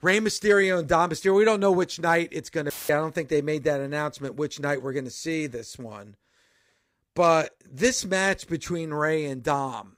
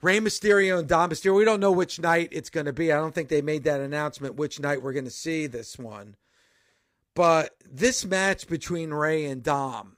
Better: second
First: audio cutting out; filled with static; at 2.5 s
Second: none

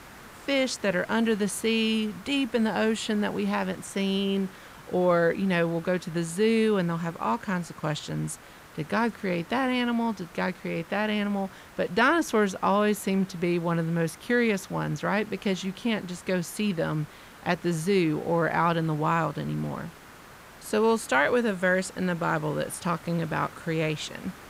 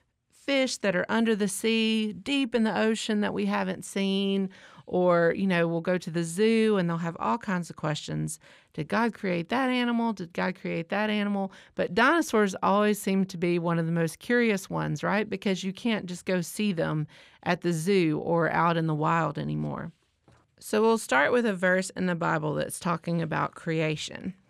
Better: second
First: hiss; faint; throughout; 20 dB below the speech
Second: none

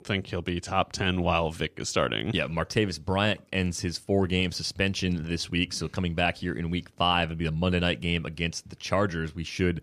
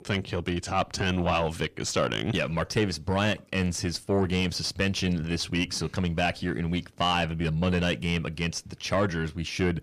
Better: first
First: none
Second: distortion; slight; 10 dB below the speech

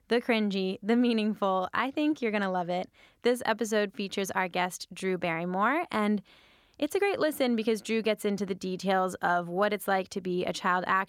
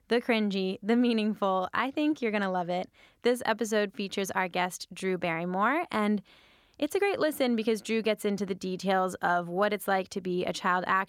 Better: neither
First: none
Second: none

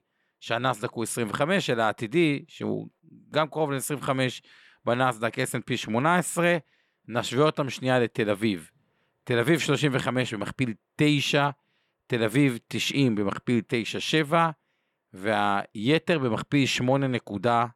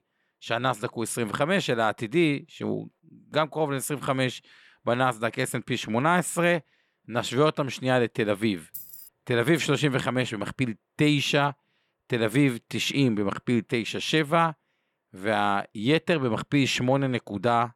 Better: first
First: none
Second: jangling keys; faint; at 8.5 s; peak 15 dB below the speech

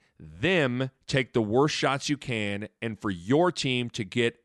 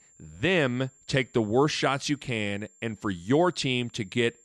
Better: first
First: none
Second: high-pitched whine; faint; throughout; 7.5 kHz, 30 dB below the speech

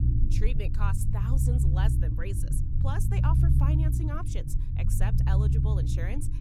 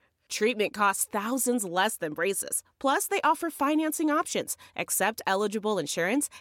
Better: second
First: low rumble; loud; throughout; 1 dB below the speech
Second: none

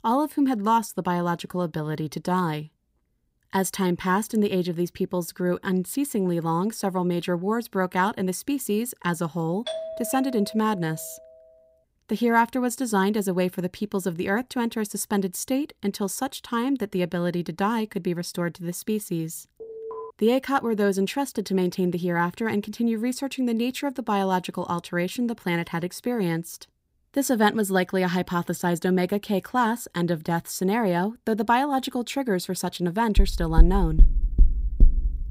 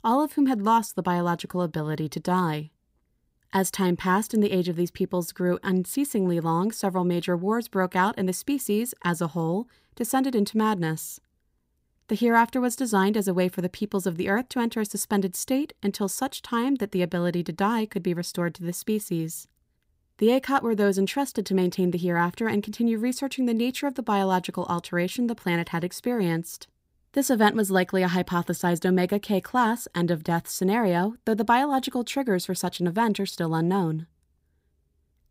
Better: second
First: doorbell; noticeable; from 9.5 to 11 s; peak 7 dB below the speech // alarm; faint; at 20 s; peak 10 dB below the speech // door banging; loud; from 33 s on; peak 3 dB above the speech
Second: none

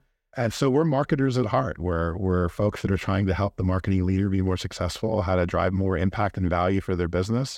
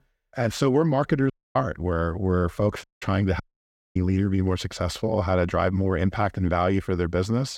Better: first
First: none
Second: audio cutting out; at 1.5 s, at 3 s and at 3.5 s for 0.5 s

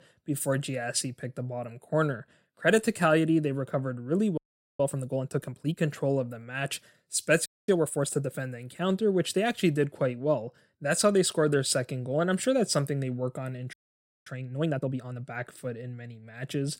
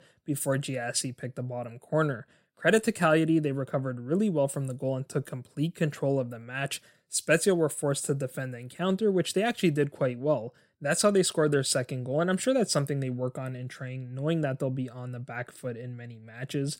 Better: second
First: audio freezing; at 4.5 s, at 7.5 s and at 14 s for 0.5 s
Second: none

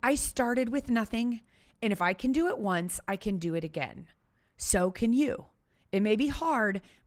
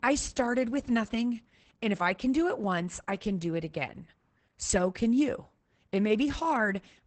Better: first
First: garbled, watery; slightly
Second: garbled, watery; badly; nothing above 8 kHz

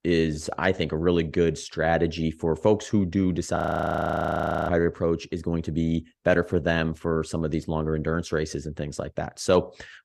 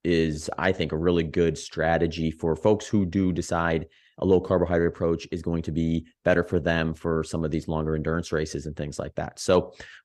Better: second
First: audio freezing; at 3.5 s for 1 s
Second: none

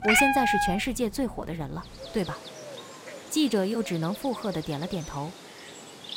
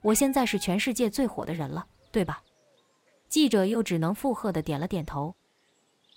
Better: second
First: animal sounds; loud; throughout; 1 dB below the speech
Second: animal sounds; faint; throughout; 25 dB below the speech

